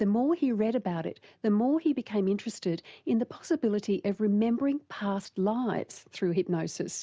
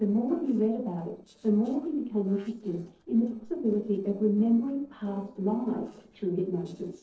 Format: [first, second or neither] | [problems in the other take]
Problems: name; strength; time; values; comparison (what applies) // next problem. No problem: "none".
first | noise reduction (neural separator model SepFormer DNS4)